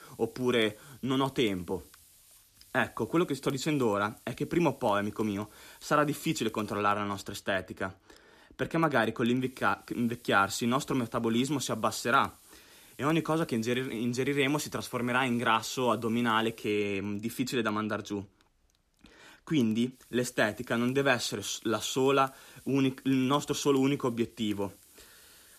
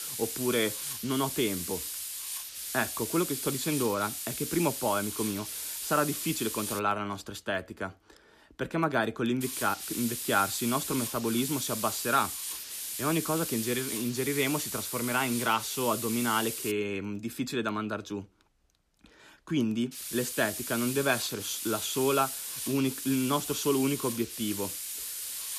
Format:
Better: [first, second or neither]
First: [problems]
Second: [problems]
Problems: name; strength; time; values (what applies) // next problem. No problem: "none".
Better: first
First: hiss; faint; until 7 s, from 9.5 to 17 s and from 20 s on; 25 dB below the speech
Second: hiss; loud; until 7 s, from 9.5 to 17 s and from 20 s on; 4 dB below the speech